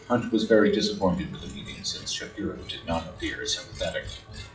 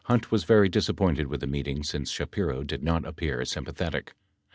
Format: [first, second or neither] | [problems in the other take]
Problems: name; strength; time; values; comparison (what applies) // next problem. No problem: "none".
second | noise reduction (classical method WPE with log-MMSE)